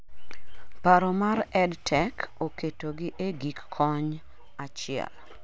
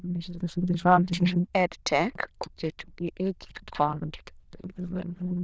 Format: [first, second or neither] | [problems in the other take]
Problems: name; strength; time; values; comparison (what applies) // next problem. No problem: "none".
first | noise reduction (neural diffusion model UNIVERSE++)